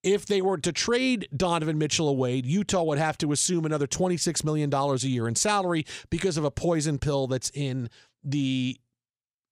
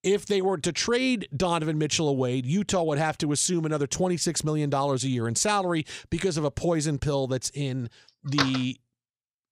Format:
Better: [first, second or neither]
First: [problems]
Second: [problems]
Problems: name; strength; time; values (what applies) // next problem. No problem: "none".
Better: first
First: none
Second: door banging; noticeable; at 8.5 s; peak 2 dB below the speech